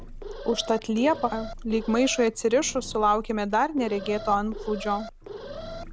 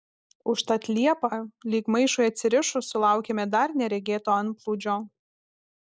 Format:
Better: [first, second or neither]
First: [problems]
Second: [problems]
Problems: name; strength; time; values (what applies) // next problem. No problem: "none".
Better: second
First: background sound (Alarm + Engine); 12 dB below the speech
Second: none